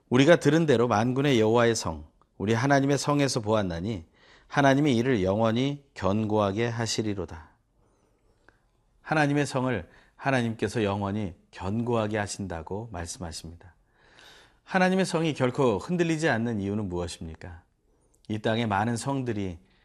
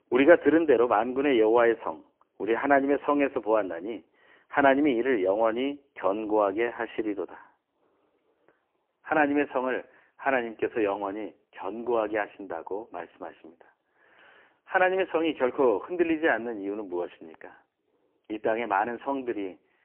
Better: first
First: none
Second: phone-call audio; poor line; nothing above 3 kHz

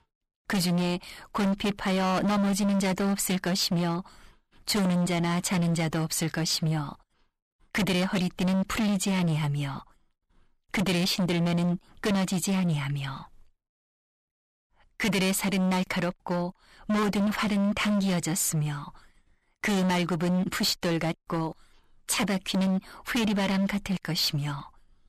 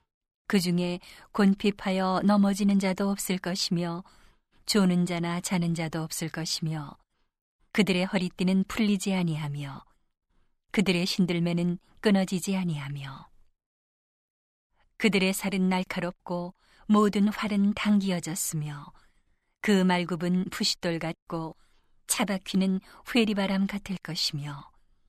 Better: second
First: distortion; heavy; 22% of the sound clipped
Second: none

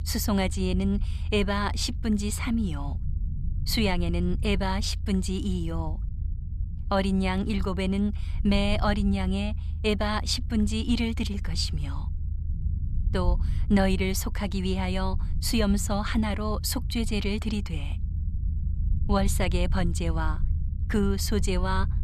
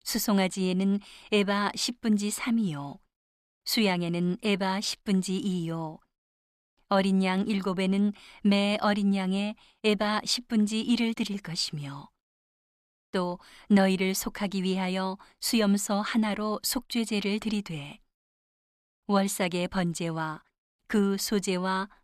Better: second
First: low rumble; noticeable; throughout; 20 dB below the speech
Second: none

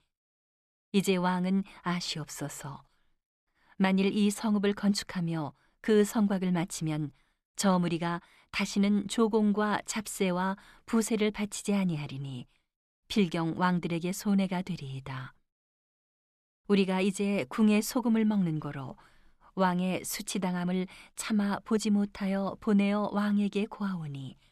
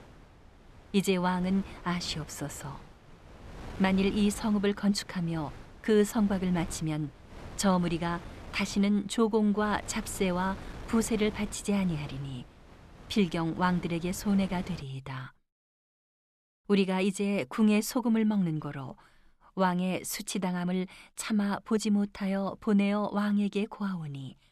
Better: first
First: none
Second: wind noise on the microphone; occasional gusts; until 15 s; 15 dB below the speech

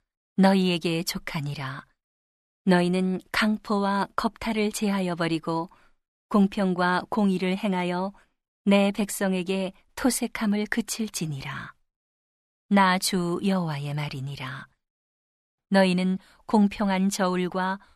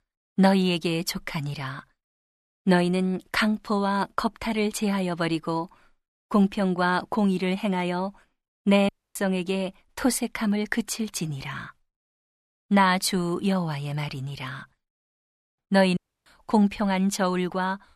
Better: first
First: none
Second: audio cutting out; at 9 s and at 16 s

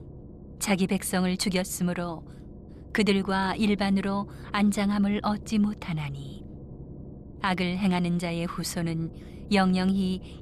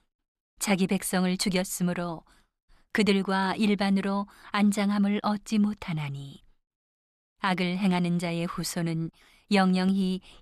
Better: second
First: low rumble; faint; throughout; 20 dB below the speech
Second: none

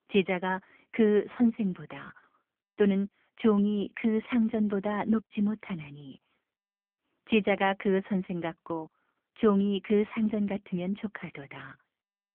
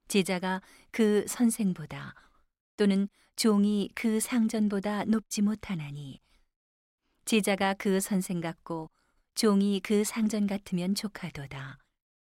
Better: second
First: phone-call audio; poor line; nothing above 3.5 kHz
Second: none

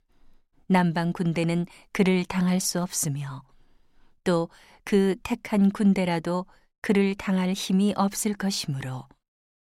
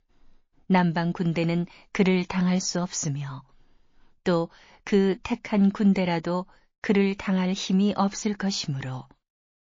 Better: first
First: none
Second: garbled, watery; slightly; nothing above 6 kHz

